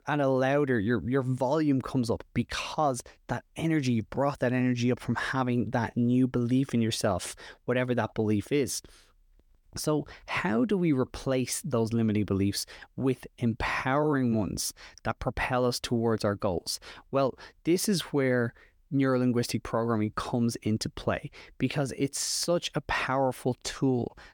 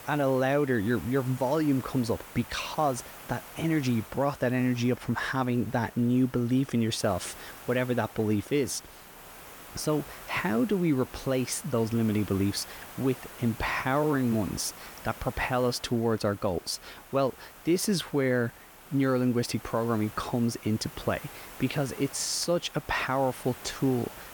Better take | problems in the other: first | hiss; noticeable; throughout; 15 dB below the speech

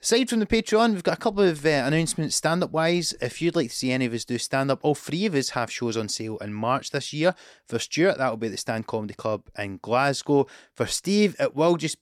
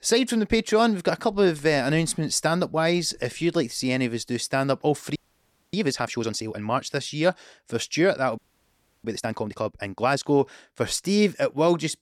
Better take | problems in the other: first | audio freezing; at 5 s for 0.5 s and at 8.5 s for 0.5 s

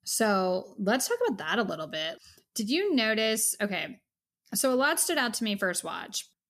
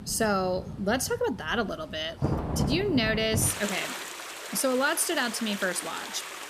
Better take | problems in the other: first | rain or running water; loud; throughout; 6 dB below the speech

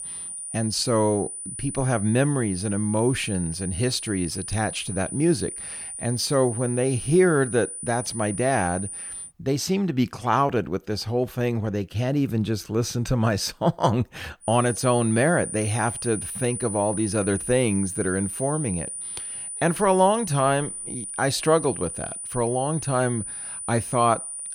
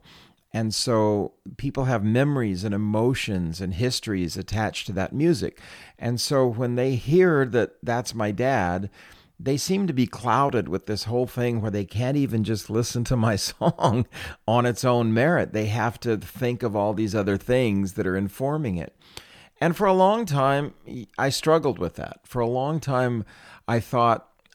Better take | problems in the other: second | high-pitched whine; loud; until 9.5 s and from 14 s on; 9.5 kHz, 7 dB below the speech

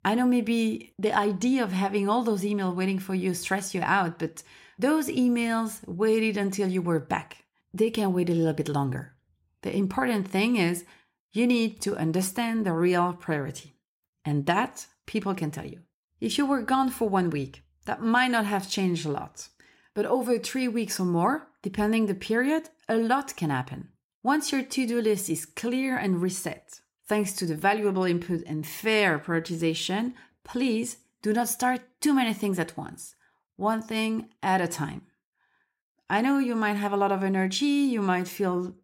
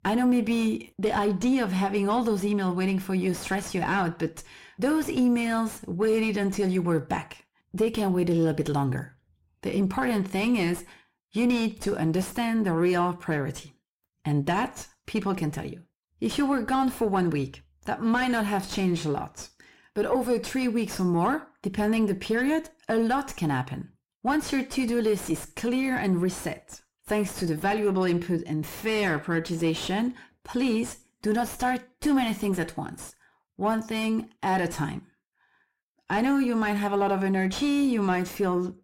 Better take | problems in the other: first | distortion; slight; 9 dB below the speech

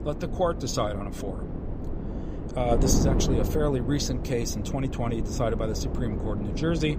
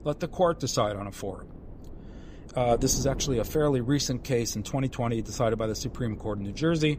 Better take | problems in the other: second | wind noise on the microphone; heavy; 7 dB below the speech; occasional gusts in the second

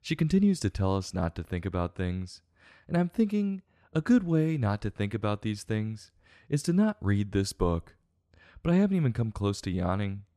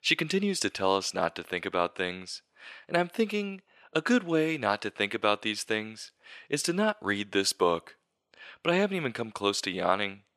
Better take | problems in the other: first | thin; somewhat; fading below 450 Hz

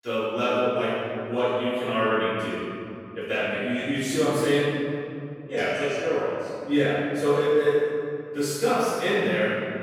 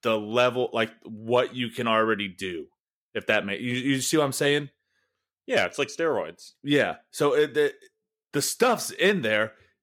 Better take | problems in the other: second | room echo; strong; dies away in 2.7 s // off-mic speech; far

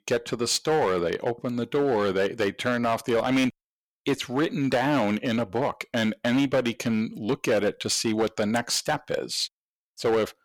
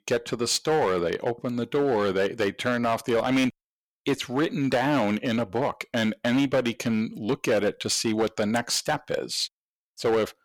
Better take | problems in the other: neither | distortion; slight; 7% of the sound clipped; the same in both

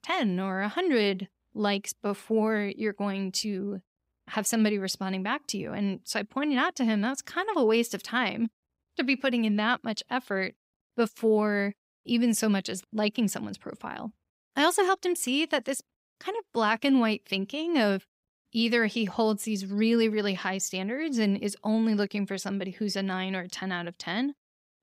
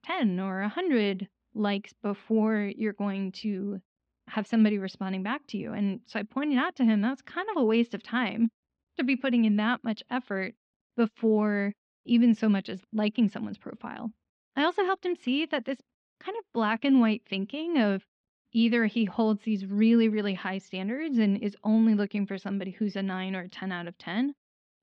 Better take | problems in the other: first | muffled; slightly; fading above 3.5 kHz

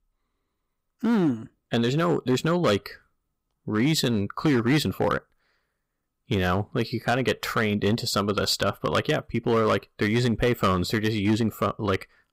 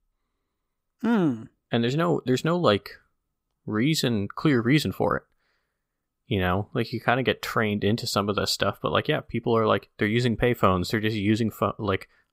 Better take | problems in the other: second | distortion; slight; 5% of the sound clipped

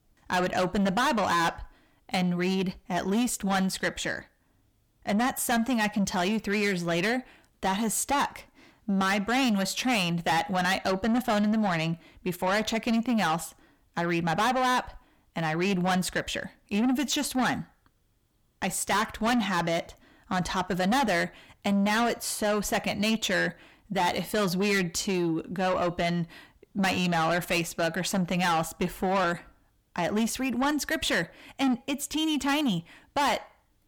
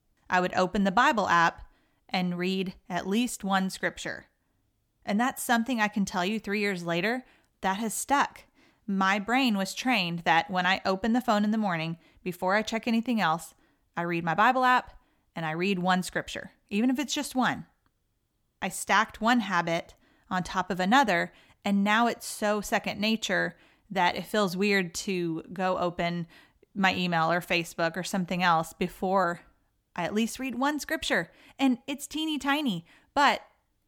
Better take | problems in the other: second | distortion; heavy; 7 dB below the speech

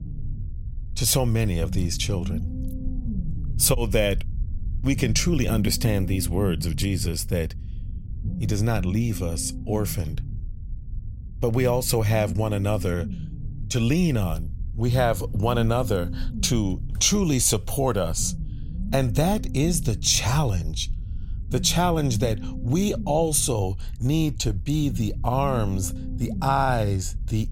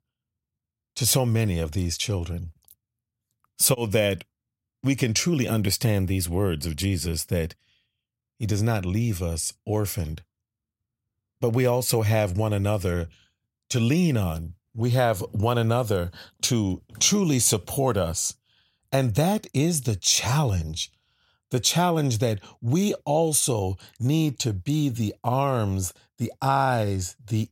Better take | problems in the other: second | low rumble; noticeable; throughout; 20 dB below the speech

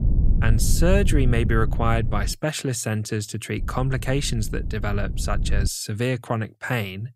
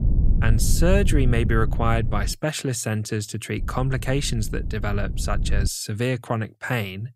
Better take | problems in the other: neither | low rumble; noticeable; until 2.5 s and from 3.5 to 5.5 s; 15 dB below the speech; the same in both

